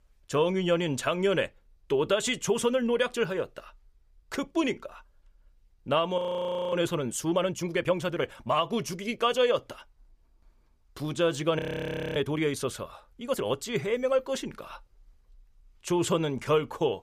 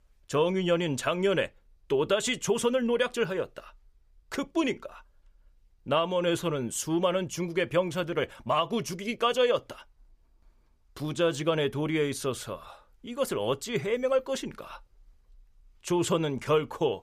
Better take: second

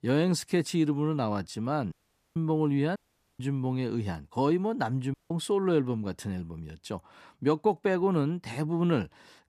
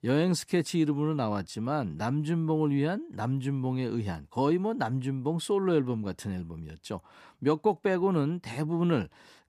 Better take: second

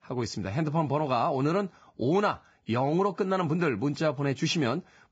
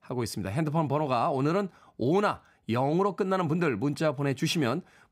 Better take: second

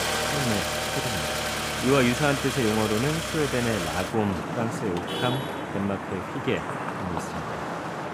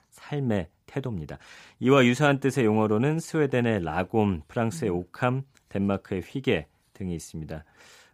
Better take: second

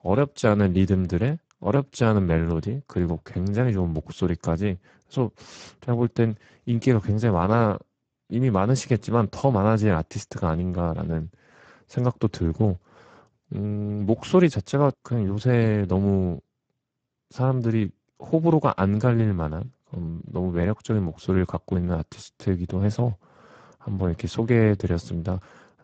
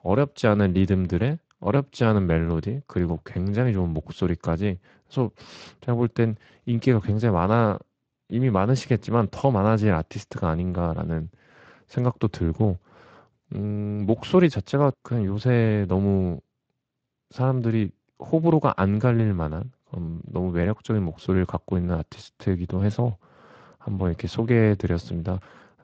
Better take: second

